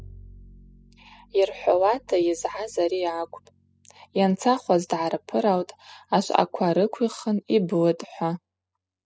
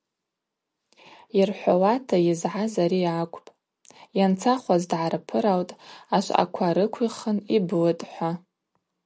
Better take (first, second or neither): second